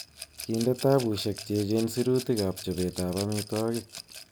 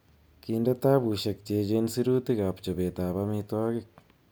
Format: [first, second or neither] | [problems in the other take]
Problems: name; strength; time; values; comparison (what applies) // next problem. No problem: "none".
second | background sound (Rattle / Glass); 14 dB below the speech